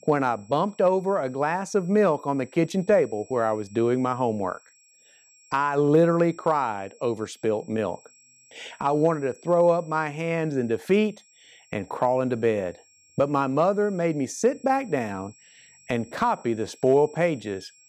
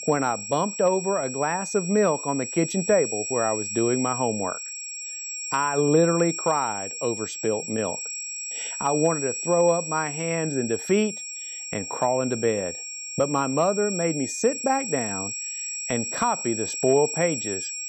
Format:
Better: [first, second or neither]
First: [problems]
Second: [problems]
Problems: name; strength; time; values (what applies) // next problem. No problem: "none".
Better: first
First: high-pitched whine; faint; throughout; 7.5 kHz, 30 dB below the speech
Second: high-pitched whine; loud; throughout; 7.5 kHz, 5 dB below the speech